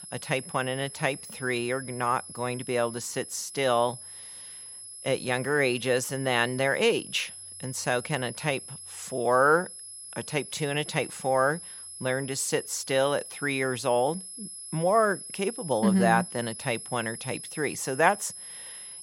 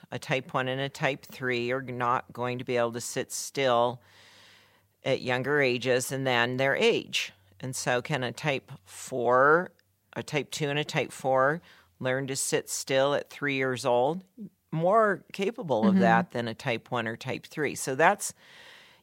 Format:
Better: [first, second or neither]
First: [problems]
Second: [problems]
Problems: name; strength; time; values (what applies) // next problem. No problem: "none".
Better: second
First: high-pitched whine; noticeable; throughout; 11 kHz, 10 dB below the speech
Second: none